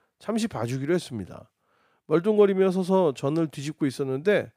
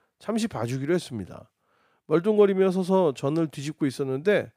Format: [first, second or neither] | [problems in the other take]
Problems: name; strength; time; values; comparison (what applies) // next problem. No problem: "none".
neither | none